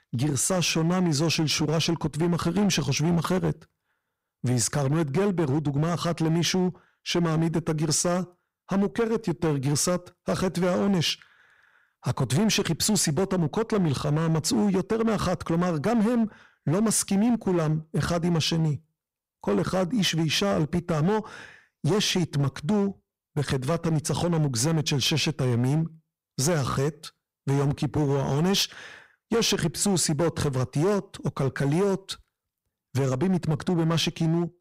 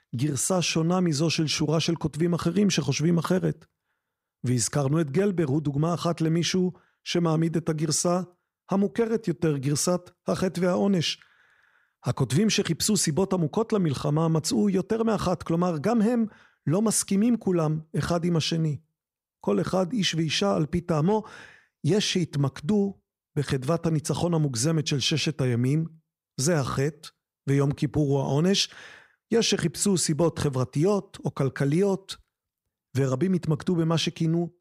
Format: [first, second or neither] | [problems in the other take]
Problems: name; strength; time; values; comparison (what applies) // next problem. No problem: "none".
second | distortion; slight; 14% of the sound clipped